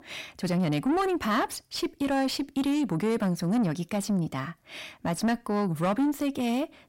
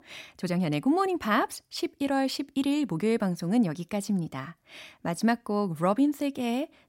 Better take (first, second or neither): second